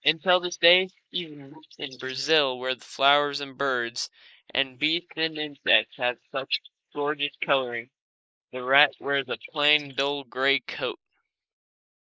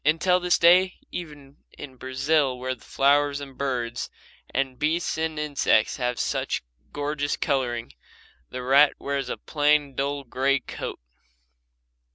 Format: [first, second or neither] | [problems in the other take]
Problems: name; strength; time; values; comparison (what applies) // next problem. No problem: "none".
second | noise reduction (neural mask model Resemble Enhance denoiser)